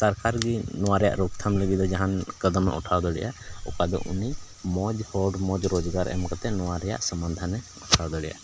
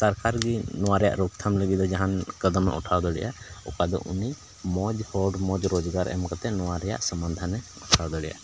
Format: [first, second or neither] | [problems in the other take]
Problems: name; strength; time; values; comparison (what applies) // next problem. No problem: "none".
second | background sound (Meow); 10 dB below the speech